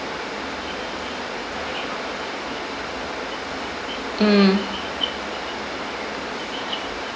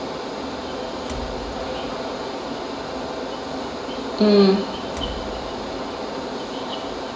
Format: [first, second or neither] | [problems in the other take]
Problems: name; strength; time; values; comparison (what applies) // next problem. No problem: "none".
first | background sound (Door); 17 dB below the speech // room echo; dies away in 1.3 s